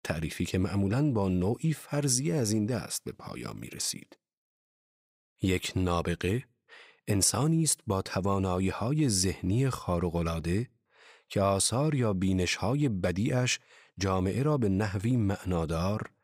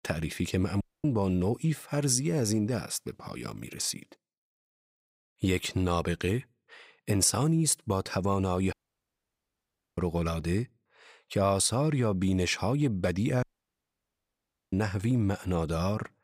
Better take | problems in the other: first | audio cutting out; at 1 s, at 8.5 s for 1 s and at 13 s for 1.5 s

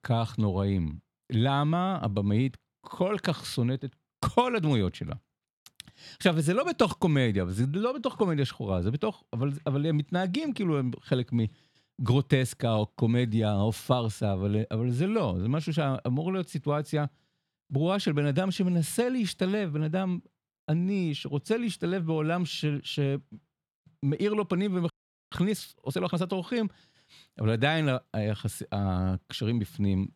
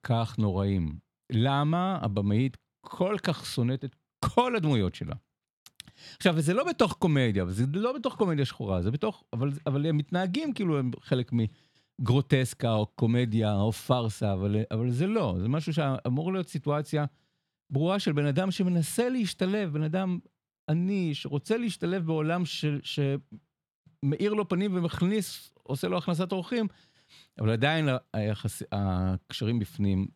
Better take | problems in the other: second | audio freezing; at 25 s

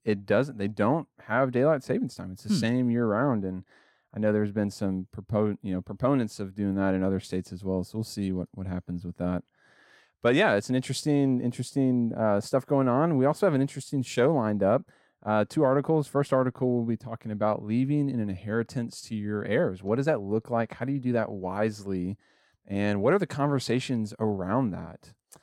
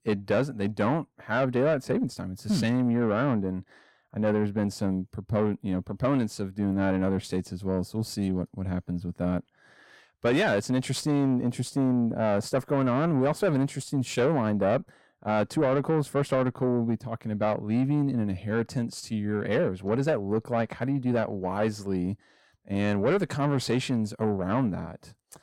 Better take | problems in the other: first | distortion; slight; 10 dB below the speech

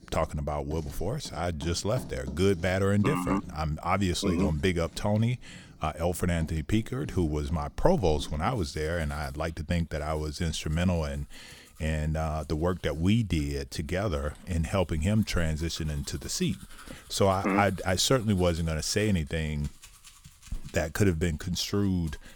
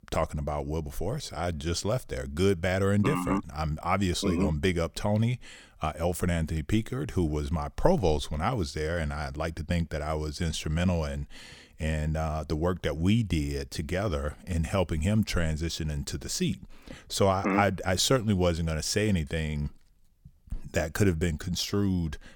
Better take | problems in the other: second | household noises; faint; throughout; 20 dB below the speech

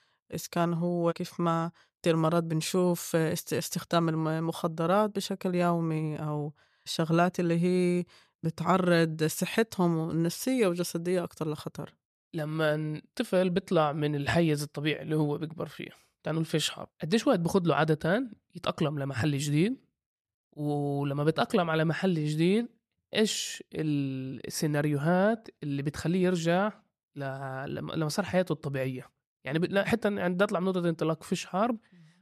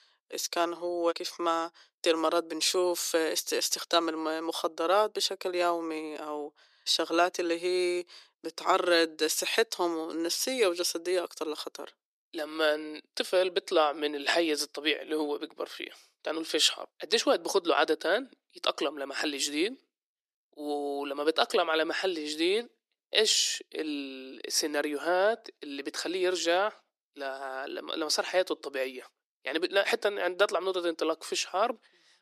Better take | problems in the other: first | thin; very; fading below 300 Hz

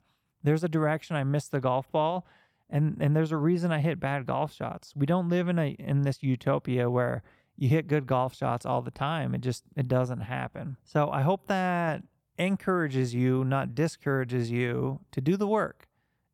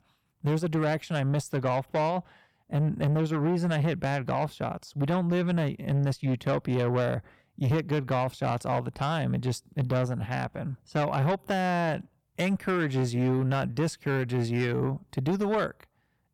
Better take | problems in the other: first | distortion; slight; 10 dB below the speech

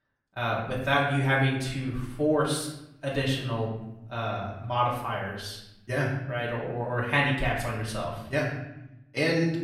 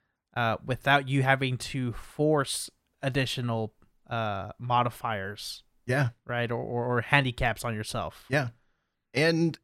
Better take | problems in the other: second | off-mic speech; far // room echo; noticeable; dies away in 0.8 s

